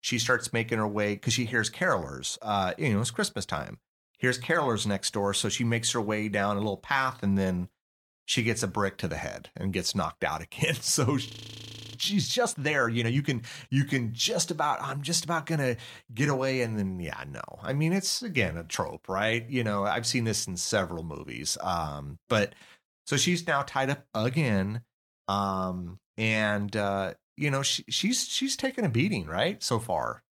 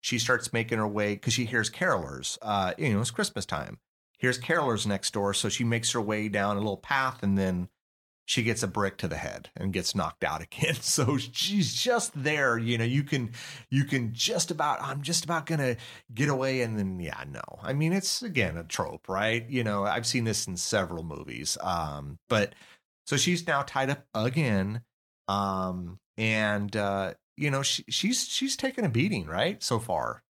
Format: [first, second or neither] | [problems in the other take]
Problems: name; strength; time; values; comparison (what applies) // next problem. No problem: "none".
second | audio freezing; at 11 s for 0.5 s